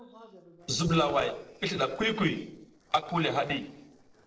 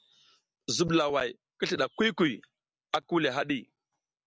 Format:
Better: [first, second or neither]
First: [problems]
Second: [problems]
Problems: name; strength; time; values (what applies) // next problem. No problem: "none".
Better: second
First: noise reduction (neural separator model SepFormer DNS4)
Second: none